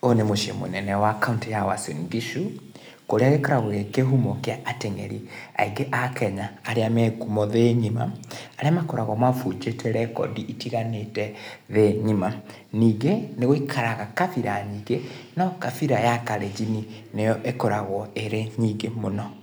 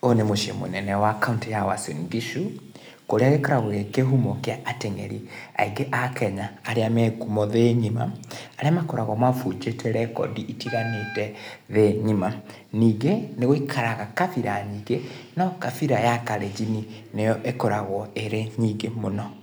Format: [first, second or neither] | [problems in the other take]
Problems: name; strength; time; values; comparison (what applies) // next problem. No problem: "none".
first | background sound (Wind instrument, woodwind instrument); 13 dB below the speech